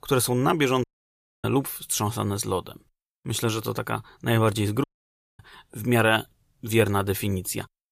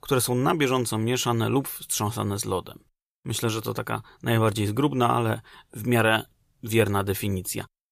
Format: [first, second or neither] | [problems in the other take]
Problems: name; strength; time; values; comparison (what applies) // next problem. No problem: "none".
second | audio cutting out; at 1 s for 0.5 s and at 5 s for 0.5 s